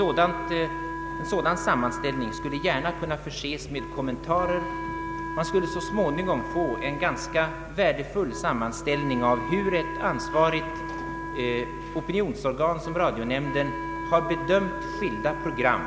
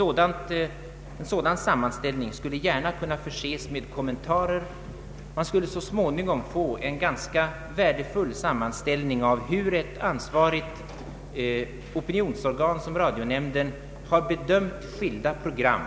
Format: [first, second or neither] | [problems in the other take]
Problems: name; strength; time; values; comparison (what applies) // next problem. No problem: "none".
second | background sound (Wind instrument, woodwind instrument); 8 dB below the speech